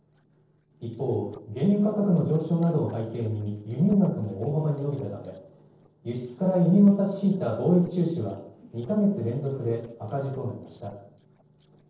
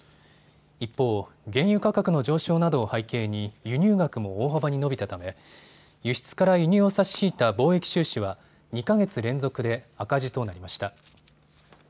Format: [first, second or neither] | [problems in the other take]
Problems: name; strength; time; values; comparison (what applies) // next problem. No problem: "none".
second | noise reduction (neural separator model SepFormer DNS4)